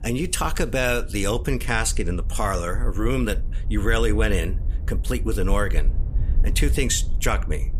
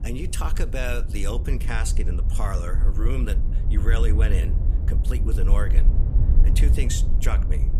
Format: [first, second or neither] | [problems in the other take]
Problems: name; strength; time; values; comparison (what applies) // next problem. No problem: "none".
first | wind noise on the microphone; heavy; 8 dB below the speech; occasional gusts in the first